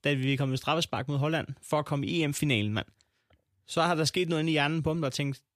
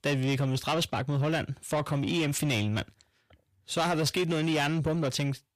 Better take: first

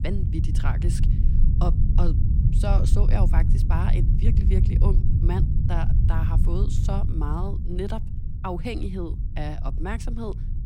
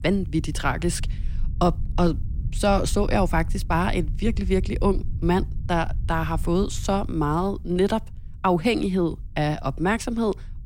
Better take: second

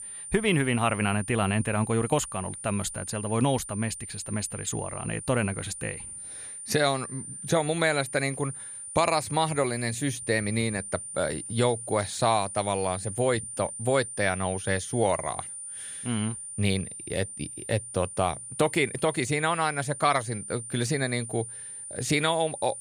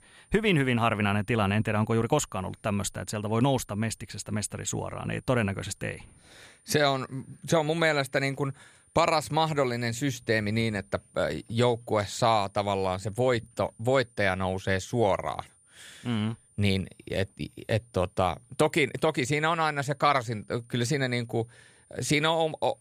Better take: second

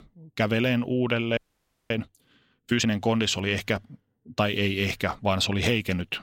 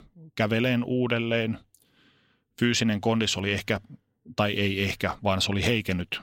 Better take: second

